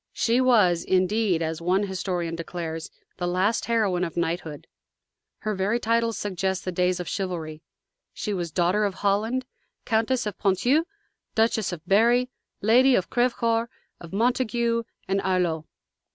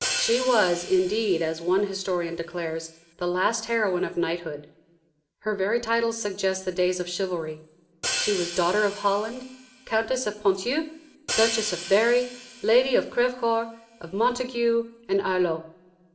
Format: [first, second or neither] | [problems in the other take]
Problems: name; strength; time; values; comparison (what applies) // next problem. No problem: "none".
first | background sound (Hi-hat); 10 dB below the speech // room echo; dies away in 0.6 s